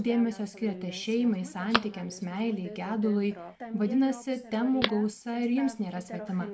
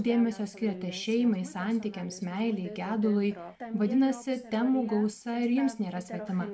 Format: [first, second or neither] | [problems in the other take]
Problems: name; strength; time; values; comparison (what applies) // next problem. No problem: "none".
second | background sound (Telephone); 11 dB below the speech